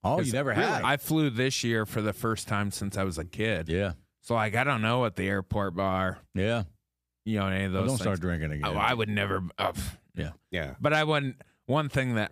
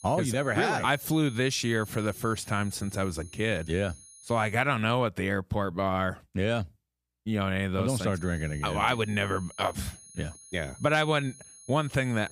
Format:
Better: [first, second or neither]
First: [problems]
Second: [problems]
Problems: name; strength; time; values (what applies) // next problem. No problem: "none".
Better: first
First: none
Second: high-pitched whine; noticeable; until 4.5 s and from 8 s on; 10.5 kHz, 20 dB below the speech